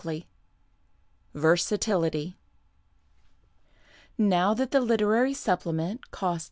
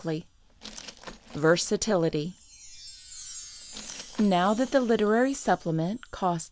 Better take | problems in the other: first | background sound (Chime + Glass); 18 dB below the speech

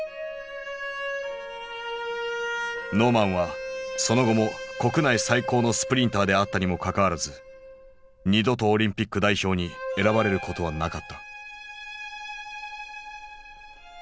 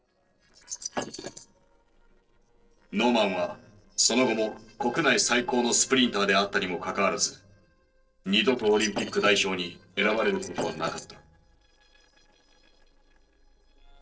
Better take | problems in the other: first | noise reduction (neural separator model SepFormer DNS4)

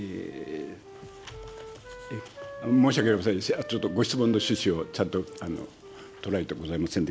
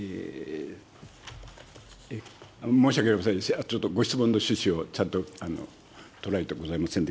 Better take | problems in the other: second | background sound (Wind instrument, woodwind instrument); 17 dB below the speech

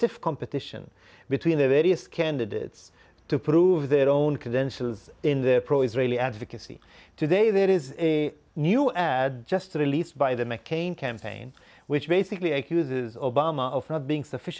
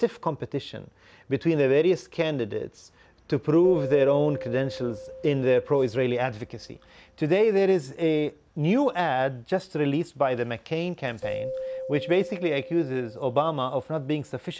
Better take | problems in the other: first | background sound (Keyboard (musical)); 14 dB below the speech

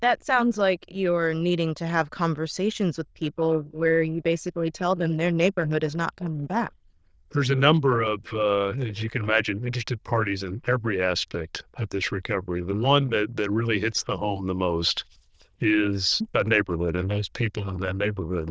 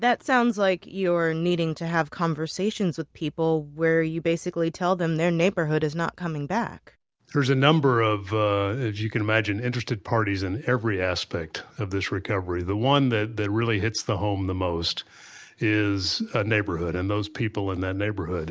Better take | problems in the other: second | noise reduction (neural diffusion model UNIVERSE++)

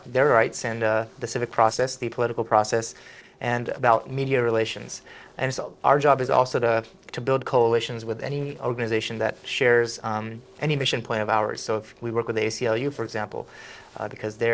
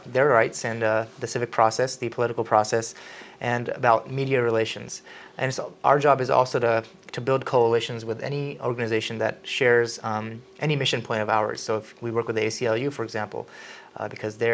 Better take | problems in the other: second | noise reduction (neural separator model SepFormer DNS4)

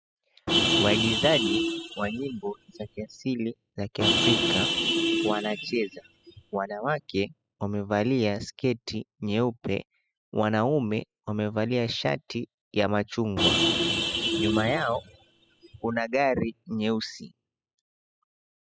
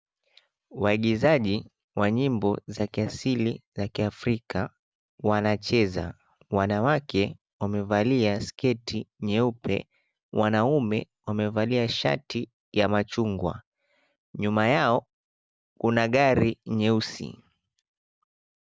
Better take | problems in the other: second | noise reduction (classical method spectral subtraction)

